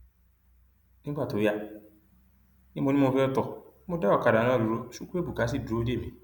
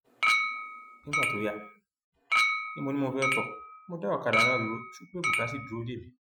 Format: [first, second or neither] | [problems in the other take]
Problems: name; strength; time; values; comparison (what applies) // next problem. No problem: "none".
first | noise reduction (classical method Wiener filter)